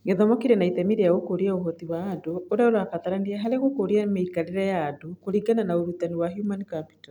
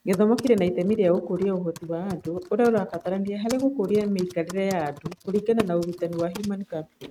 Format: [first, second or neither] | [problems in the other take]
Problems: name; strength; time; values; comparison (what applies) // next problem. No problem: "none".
first | noise reduction (neural mask model RNNoise)